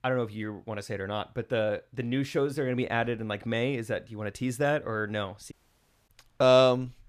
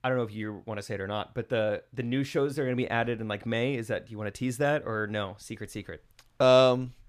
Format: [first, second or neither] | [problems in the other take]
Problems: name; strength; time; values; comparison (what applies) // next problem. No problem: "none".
second | audio cutting out; at 5.5 s for 0.5 s